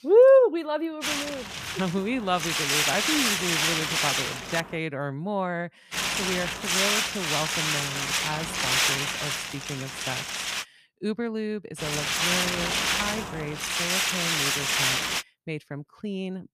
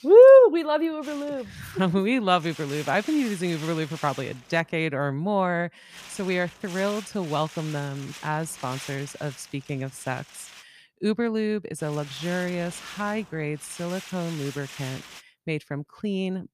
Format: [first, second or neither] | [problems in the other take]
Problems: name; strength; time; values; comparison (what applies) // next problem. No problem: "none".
second | wind noise on the microphone; heavy; from 1 to 5 s, from 6 to 11 s and from 12 to 15 s; 4 dB above the speech; occasional gusts in the second